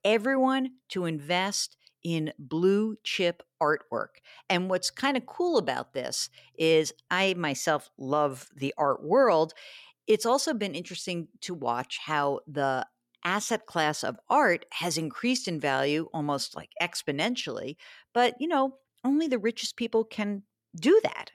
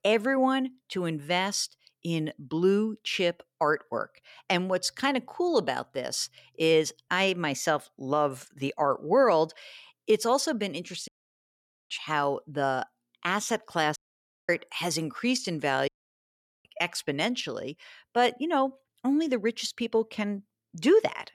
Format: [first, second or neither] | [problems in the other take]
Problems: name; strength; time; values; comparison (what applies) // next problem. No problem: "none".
first | audio cutting out; at 11 s for 1 s, at 14 s for 0.5 s and at 16 s for 1 s